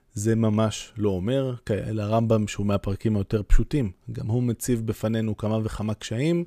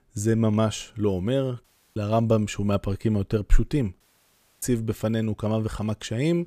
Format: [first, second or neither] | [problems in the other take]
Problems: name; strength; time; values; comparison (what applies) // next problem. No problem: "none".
first | audio cutting out; at 1.5 s and at 4 s for 0.5 s